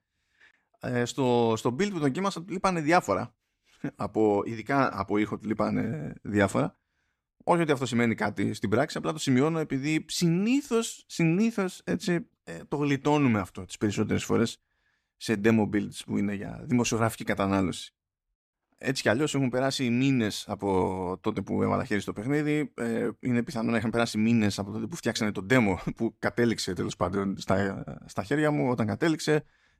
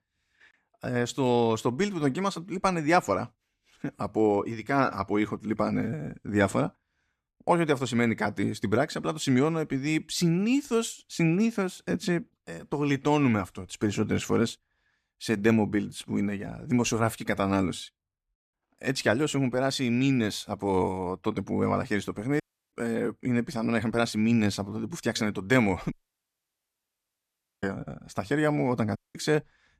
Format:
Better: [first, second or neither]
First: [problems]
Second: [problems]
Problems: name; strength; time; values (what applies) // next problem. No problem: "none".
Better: first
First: none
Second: audio cutting out; at 22 s, at 26 s for 1.5 s and at 29 s